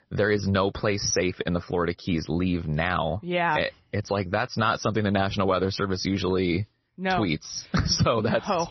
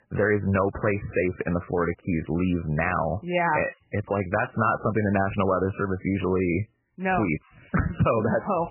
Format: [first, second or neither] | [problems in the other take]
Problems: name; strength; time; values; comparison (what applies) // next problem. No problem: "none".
first | garbled, watery; badly; nothing above 3 kHz; slightly in the first